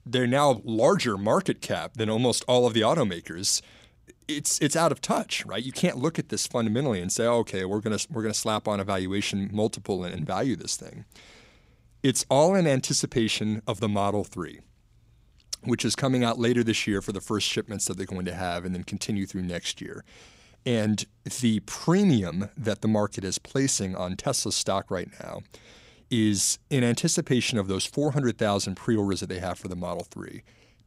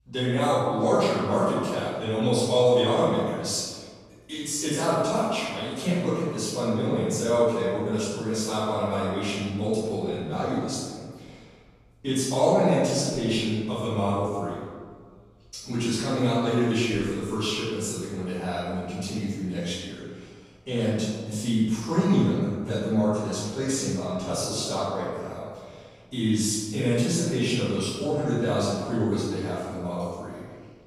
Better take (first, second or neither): first